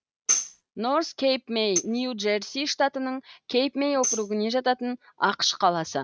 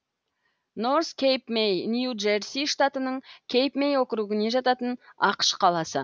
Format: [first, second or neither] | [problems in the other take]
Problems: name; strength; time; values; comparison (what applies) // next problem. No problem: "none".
second | noise reduction (neural mask model RNNoise)